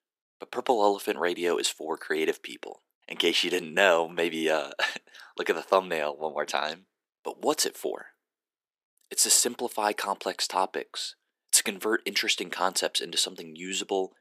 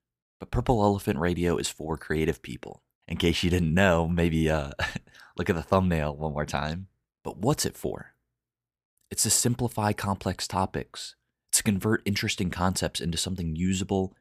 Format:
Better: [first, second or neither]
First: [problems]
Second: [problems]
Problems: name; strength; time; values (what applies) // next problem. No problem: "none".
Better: second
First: thin; very; fading below 350 Hz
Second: none